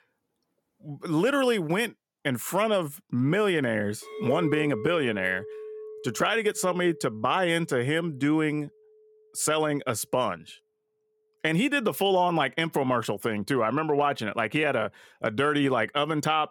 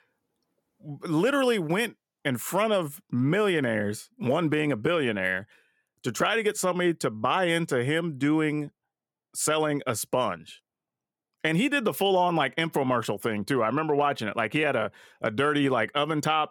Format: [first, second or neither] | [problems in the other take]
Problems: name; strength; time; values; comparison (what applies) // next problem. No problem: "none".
second | clattering dishes; noticeable; from 4 to 8 s; peak 7 dB below the speech